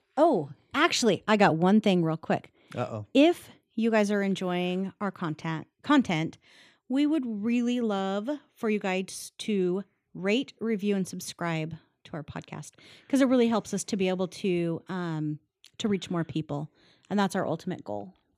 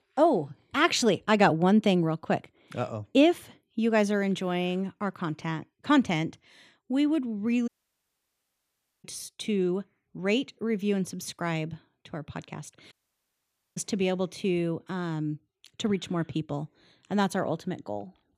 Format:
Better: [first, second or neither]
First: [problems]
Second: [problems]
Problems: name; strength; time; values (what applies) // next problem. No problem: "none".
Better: first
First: none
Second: audio cutting out; at 7.5 s for 1.5 s and at 13 s for 1 s